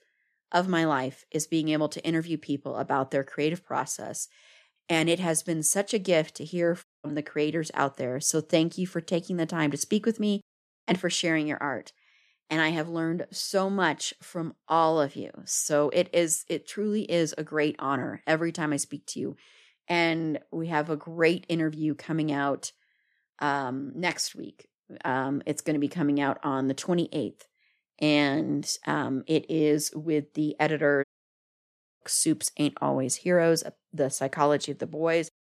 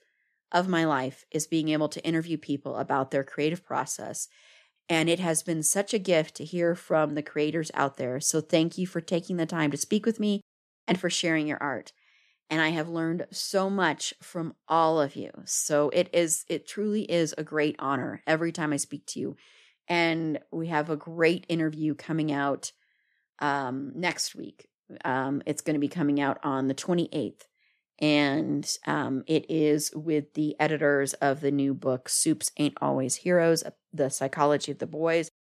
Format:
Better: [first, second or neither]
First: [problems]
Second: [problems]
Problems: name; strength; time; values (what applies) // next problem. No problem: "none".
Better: second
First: audio cutting out; at 7 s and at 31 s for 1 s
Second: none